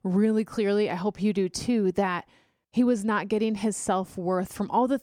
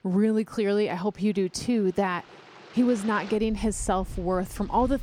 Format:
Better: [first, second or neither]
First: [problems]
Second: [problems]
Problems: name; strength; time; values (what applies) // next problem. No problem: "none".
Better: first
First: none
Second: rain or running water; noticeable; throughout; 15 dB below the speech